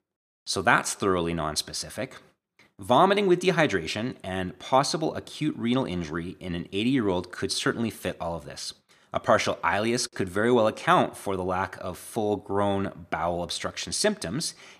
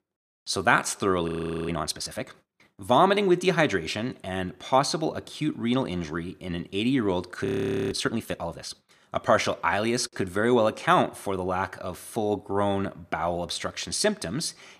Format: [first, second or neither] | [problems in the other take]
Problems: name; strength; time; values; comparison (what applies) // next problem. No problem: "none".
first | audio freezing; at 1.5 s and at 7.5 s